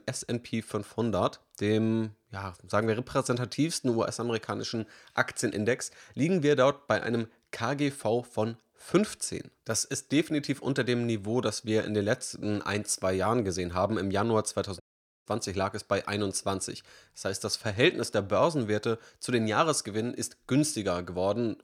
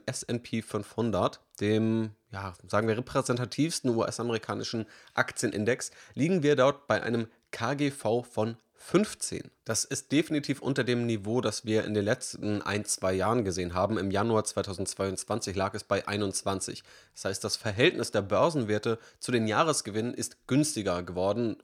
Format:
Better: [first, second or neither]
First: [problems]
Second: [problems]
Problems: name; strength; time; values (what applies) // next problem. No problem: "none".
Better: second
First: audio cutting out; at 15 s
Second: none